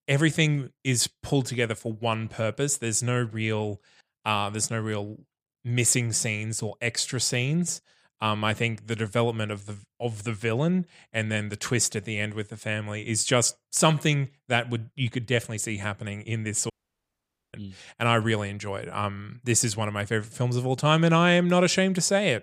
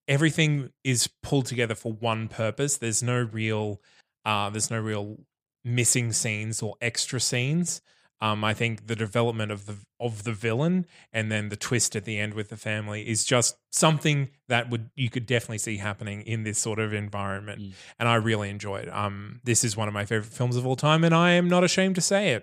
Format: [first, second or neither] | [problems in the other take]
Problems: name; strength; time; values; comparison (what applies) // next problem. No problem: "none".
second | audio cutting out; at 17 s for 1 s